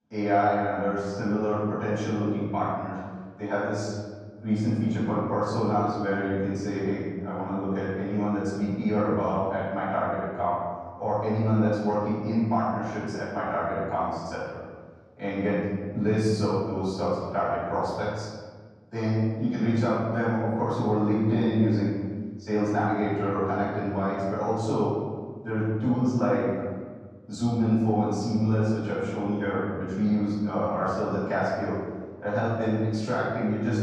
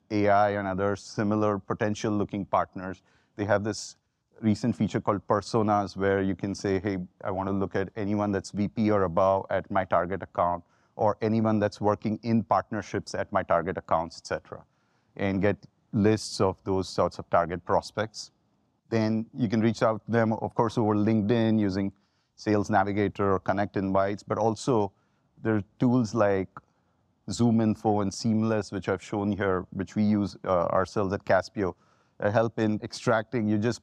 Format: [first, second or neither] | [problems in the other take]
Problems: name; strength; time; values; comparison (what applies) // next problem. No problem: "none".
second | off-mic speech; far // room echo; strong; dies away in 1.5 s